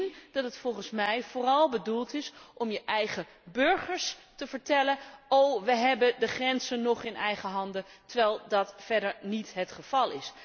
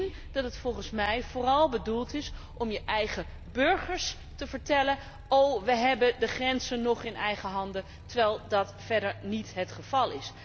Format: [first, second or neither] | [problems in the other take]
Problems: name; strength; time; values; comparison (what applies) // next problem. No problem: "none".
first | background sound (Motorcycle); 15 dB below the speech